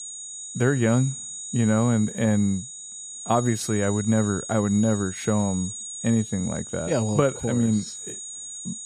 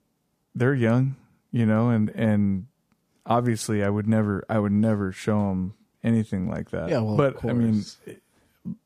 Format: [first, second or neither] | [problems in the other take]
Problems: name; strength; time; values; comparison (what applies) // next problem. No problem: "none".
second | high-pitched whine; loud; throughout; 6.5 kHz, 10 dB below the speech